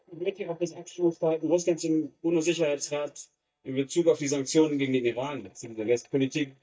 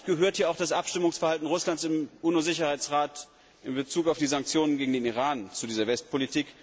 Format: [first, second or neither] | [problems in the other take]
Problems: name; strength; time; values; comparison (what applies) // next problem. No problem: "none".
second | noise reduction (neural mask model DeepFilterNet 3)